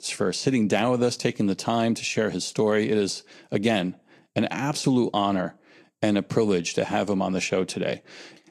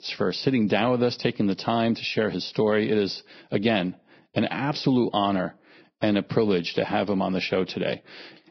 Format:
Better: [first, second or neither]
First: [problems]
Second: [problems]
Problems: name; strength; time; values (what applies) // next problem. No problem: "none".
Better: first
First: garbled, watery; slightly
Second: garbled, watery; badly; nothing above 5.5 kHz